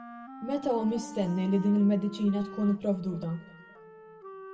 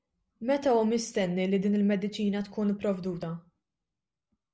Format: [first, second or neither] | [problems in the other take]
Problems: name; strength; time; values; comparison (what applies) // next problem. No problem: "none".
second | background sound (Wind instrument, woodwind instrument); 16 dB below the speech // room echo; dies away in 2.1 s